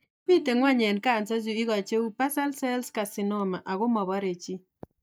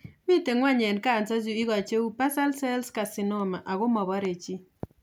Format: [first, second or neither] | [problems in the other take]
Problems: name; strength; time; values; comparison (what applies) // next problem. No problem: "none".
second | noise reduction (neural mask model DeepFilterNet 3)